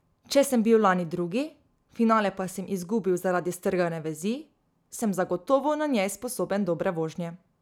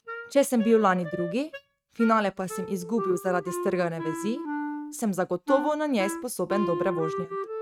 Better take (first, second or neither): first